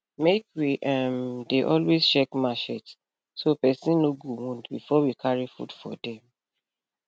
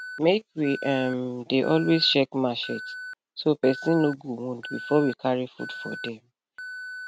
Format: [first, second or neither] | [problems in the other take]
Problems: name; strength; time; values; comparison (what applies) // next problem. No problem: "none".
first | background sound (Alarm); 14 dB below the speech